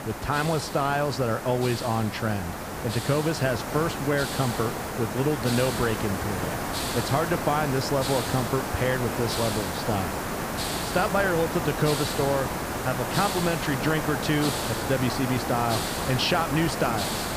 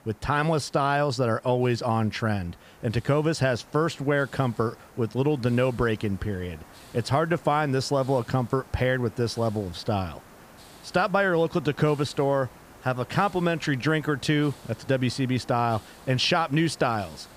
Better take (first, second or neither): second